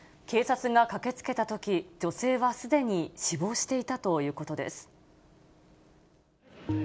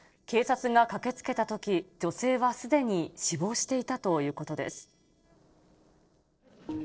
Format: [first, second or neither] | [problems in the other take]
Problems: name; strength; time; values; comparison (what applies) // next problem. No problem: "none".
first | noise reduction (neural separator model SepFormer DNS4)